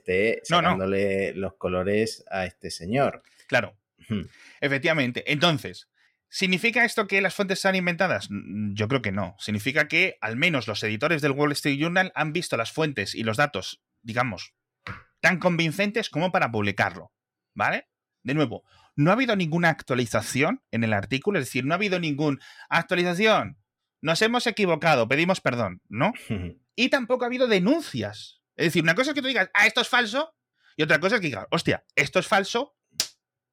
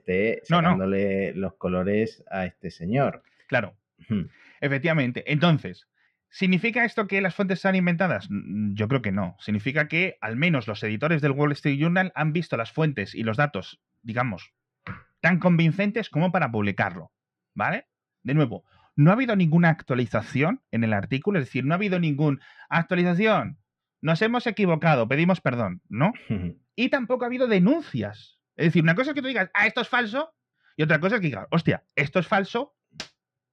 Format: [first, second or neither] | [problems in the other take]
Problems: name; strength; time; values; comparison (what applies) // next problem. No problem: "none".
first | muffled; slightly; fading above 3 kHz